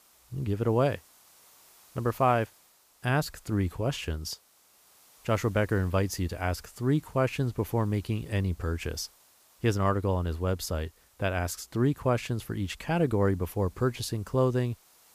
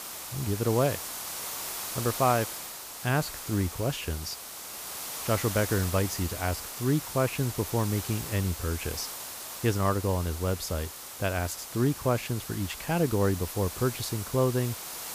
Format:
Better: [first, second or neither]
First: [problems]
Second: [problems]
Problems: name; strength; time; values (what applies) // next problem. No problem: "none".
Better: first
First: hiss; faint; throughout; 30 dB below the speech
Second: hiss; loud; throughout; 7 dB below the speech